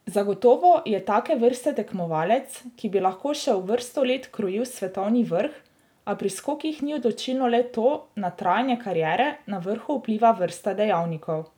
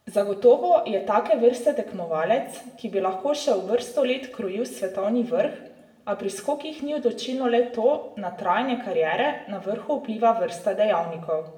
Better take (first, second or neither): first